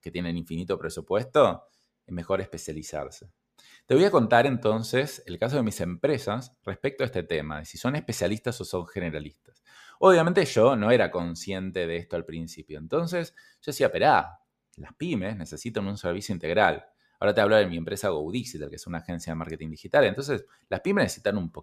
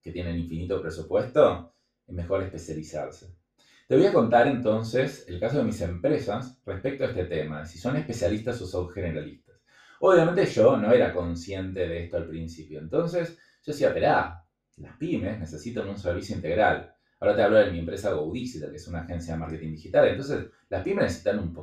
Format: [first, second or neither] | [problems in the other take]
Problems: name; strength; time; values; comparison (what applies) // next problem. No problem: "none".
first | room echo; slight; dies away in 0.3 s // off-mic speech; far